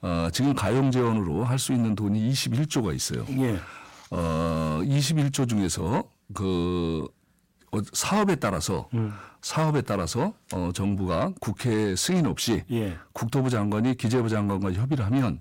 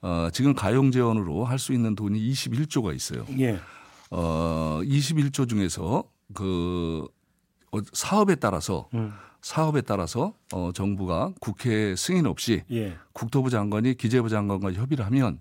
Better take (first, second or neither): second